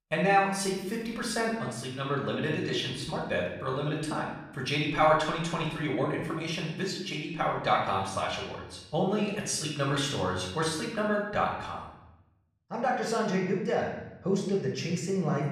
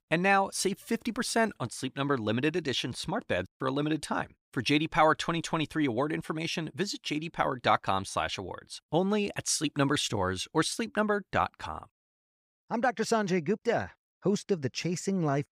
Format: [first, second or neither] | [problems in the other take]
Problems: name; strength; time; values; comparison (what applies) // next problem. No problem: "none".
second | off-mic speech; far // room echo; noticeable; dies away in 0.8 s